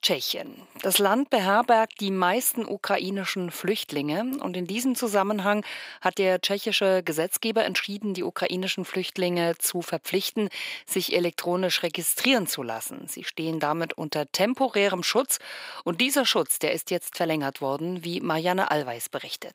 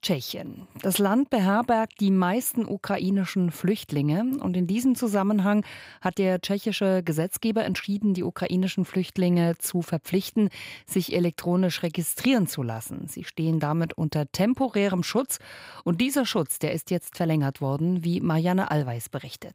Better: second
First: thin; somewhat; fading below 400 Hz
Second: none

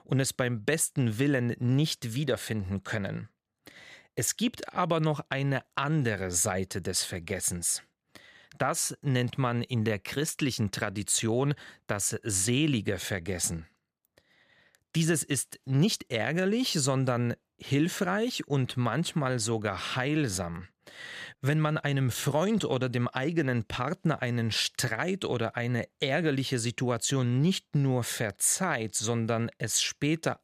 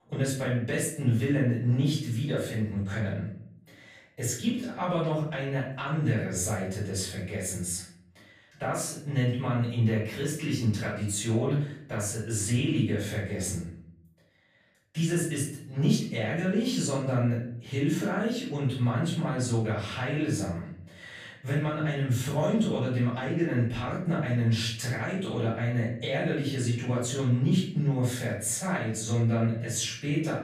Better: first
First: none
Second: off-mic speech; far // room echo; noticeable; dies away in 0.6 s

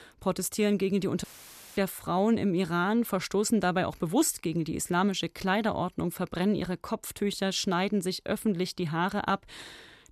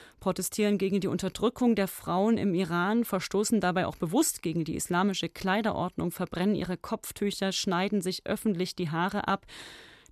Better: second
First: audio cutting out; filled with static; at 1 s for 0.5 s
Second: none

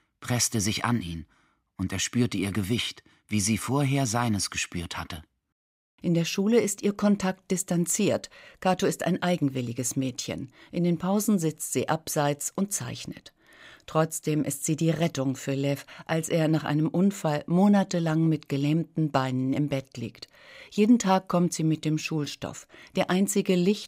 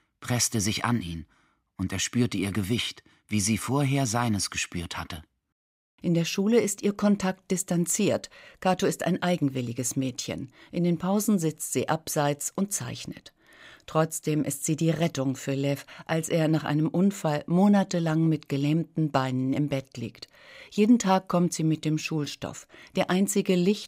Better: neither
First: none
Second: none

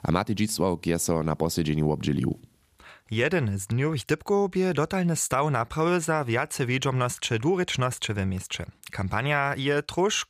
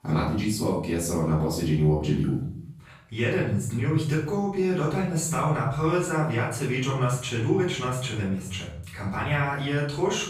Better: first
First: none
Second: off-mic speech; far // room echo; noticeable; dies away in 0.6 s

